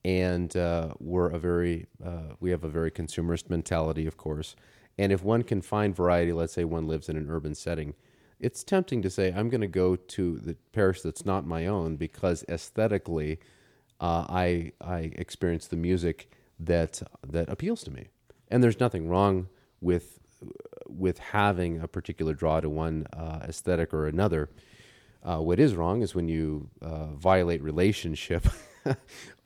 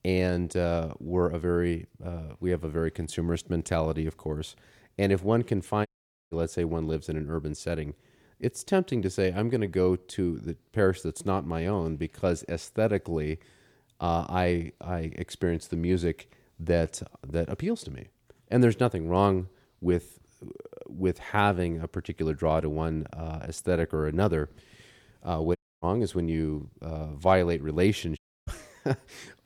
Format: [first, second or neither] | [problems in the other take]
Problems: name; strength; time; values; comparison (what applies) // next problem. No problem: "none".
first | audio cutting out; at 6 s, at 26 s and at 28 s